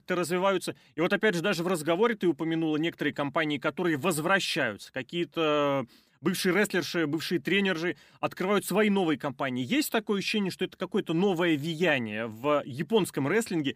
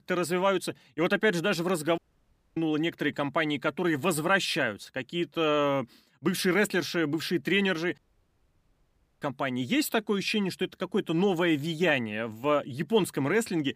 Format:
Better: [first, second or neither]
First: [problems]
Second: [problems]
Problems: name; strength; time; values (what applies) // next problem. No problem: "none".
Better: first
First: none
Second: audio cutting out; at 2 s for 0.5 s and at 8 s for 1 s